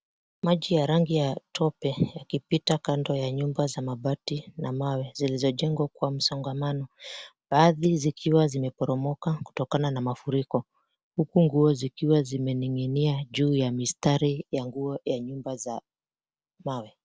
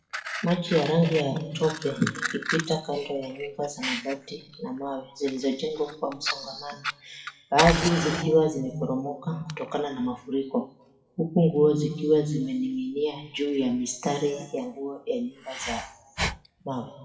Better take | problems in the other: first | noise reduction (classical method WPE with log-MMSE)

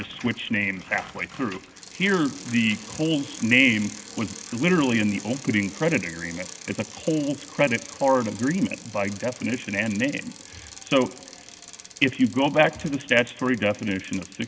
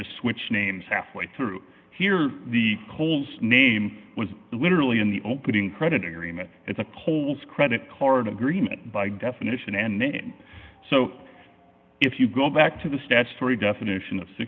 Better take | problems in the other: second | background sound (Bicycle); 17 dB below the speech

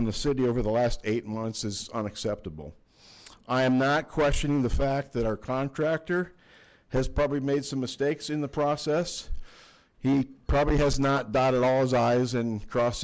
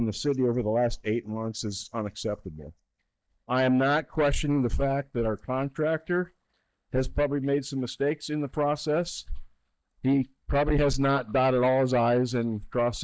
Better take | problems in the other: first | noise reduction (neural mask model DeepFilterNet 3)

